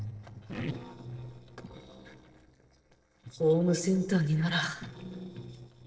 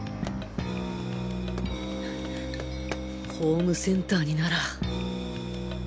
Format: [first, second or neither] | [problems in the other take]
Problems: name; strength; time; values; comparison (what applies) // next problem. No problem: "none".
second | noise reduction (neural separator model SepFormer DNS4)